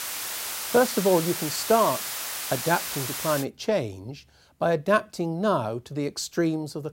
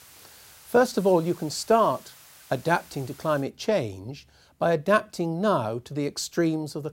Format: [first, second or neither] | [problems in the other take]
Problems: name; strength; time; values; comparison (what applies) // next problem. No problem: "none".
second | hiss; loud; until 3.5 s; 4 dB below the speech; faint in the second